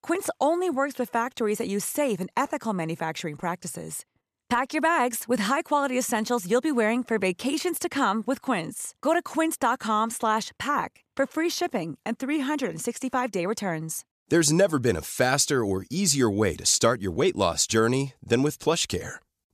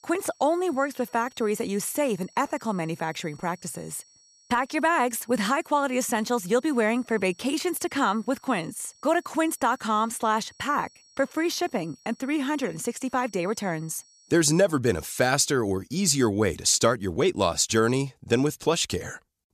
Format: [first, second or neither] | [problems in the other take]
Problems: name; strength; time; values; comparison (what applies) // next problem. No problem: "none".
first | high-pitched whine; faint; until 14 s; 5.5 kHz, 30 dB below the speech